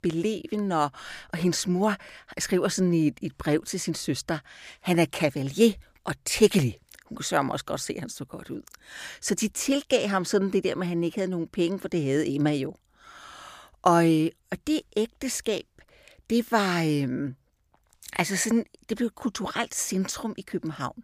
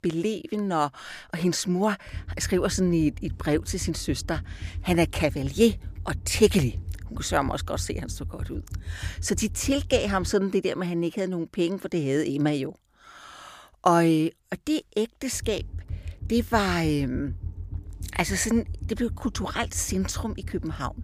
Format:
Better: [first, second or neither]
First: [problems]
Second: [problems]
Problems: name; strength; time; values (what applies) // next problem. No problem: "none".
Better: first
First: none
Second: low rumble; faint; from 2 to 10 s and from 15 s on; 25 dB below the speech